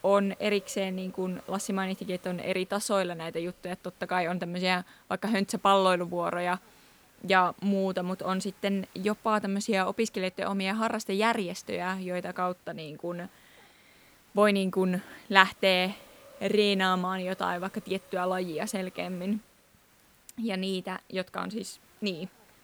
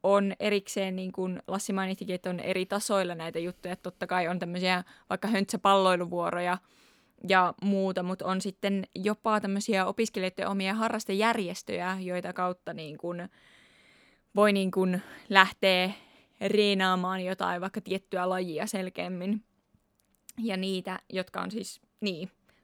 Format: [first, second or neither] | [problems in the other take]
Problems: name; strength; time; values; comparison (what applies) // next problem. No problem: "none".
second | hiss; faint; throughout; 25 dB below the speech